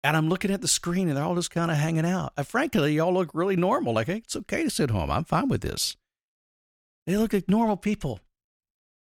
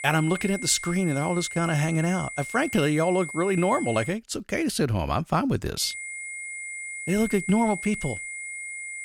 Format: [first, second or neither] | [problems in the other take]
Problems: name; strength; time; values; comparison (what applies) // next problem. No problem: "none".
first | high-pitched whine; loud; until 4 s and from 6 s on; 2 kHz, 9 dB below the speech